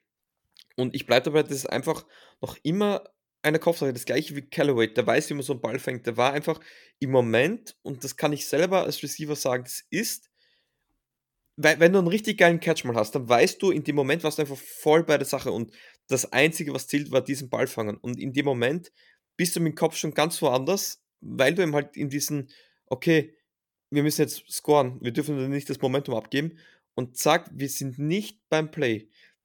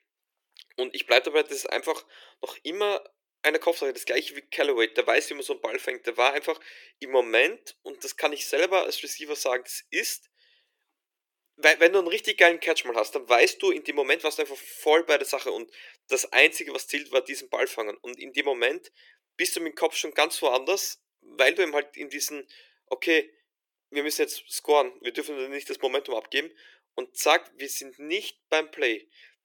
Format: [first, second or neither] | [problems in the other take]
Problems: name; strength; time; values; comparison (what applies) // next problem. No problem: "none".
first | thin; very; fading below 350 Hz